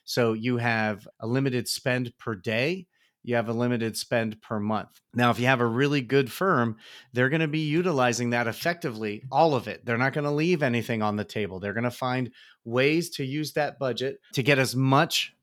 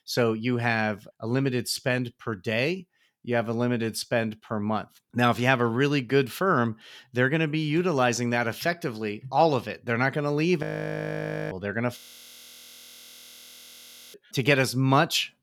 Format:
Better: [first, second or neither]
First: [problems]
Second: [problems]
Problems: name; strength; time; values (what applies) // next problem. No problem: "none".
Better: first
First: none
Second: audio freezing; at 11 s for 1 s and at 12 s for 2 s